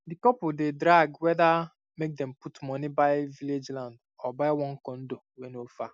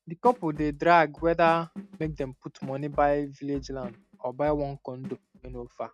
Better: first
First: none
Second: noise reduction (neural mask model RNNoise)

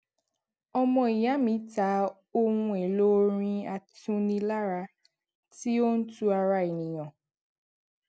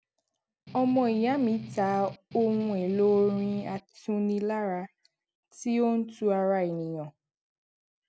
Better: first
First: none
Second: background sound (Strum); 16 dB below the speech

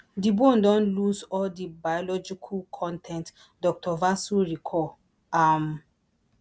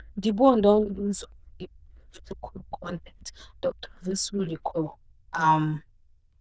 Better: first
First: none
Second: noise reduction (neural diffusion model UNIVERSE++)

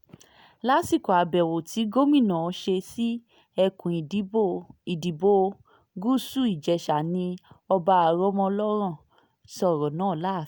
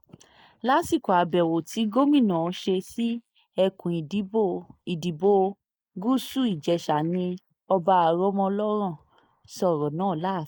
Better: first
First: none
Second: noise reduction (neural mask model Resemble Enhance denoiser)

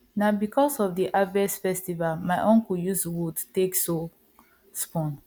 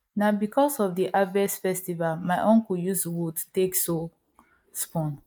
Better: first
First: none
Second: noise reduction (neural mask model Resemble Enhance denoiser)

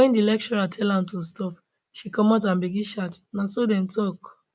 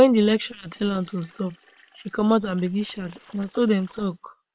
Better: first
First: none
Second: noise reduction (neural separator model SepFormer WHAM!)

